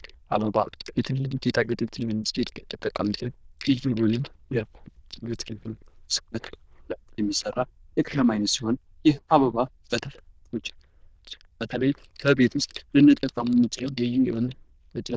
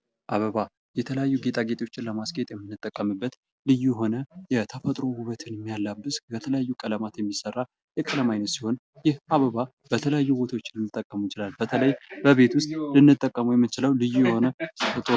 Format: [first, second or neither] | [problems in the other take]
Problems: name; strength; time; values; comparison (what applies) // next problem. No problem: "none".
second | noise reduction (neural diffusion model UNIVERSE++)